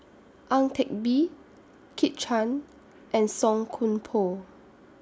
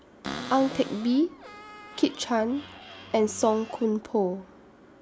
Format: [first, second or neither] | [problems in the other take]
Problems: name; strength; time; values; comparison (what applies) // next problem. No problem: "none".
first | background sound (Cupboard open or close); 14 dB below the speech